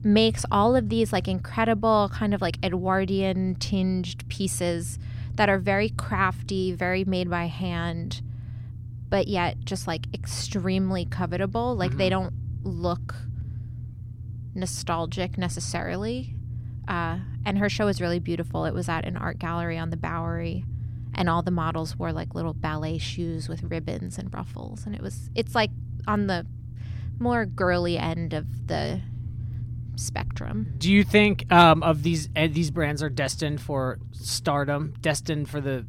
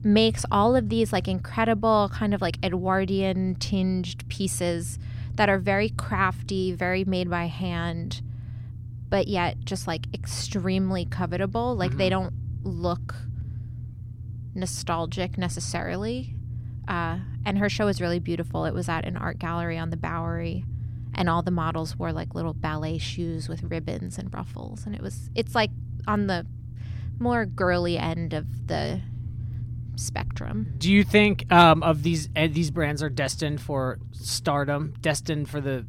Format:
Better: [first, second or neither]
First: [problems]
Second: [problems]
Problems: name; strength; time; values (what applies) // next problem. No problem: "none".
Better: neither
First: low rumble; faint; throughout; 20 dB below the speech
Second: low rumble; faint; throughout; 20 dB below the speech